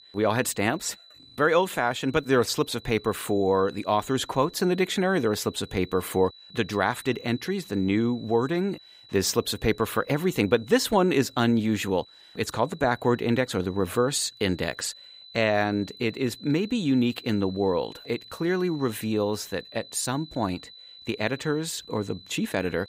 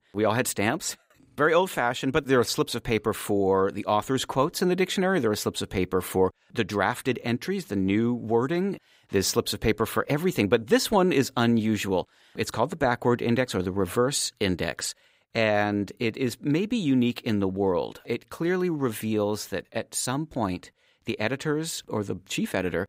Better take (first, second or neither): second